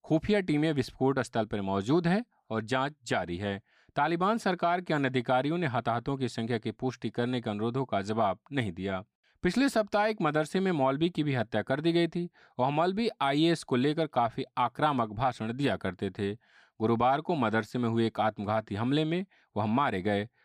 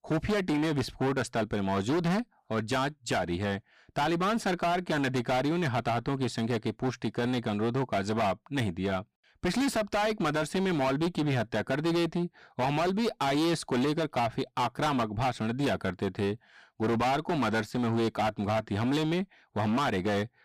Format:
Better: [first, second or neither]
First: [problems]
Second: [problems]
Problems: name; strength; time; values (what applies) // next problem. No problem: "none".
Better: first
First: none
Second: distortion; heavy; 21% of the sound clipped